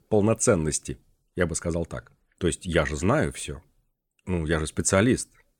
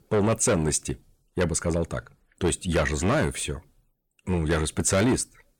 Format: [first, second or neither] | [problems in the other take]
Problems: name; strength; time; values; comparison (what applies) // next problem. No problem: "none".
first | distortion; heavy; 7 dB below the speech